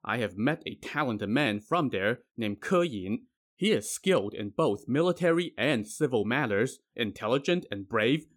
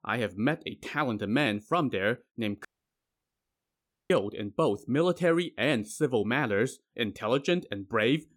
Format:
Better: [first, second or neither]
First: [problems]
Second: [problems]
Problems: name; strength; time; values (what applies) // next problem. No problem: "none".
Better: first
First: none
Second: audio cutting out; at 2.5 s for 1.5 s